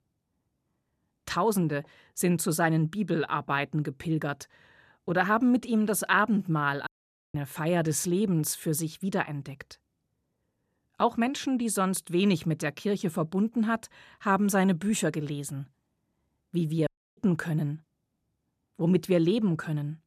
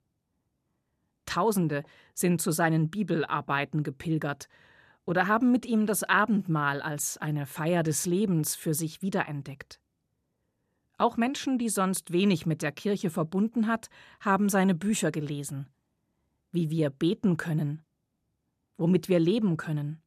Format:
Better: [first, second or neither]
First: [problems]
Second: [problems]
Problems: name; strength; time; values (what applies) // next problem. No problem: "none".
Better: second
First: audio cutting out; at 7 s and at 17 s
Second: none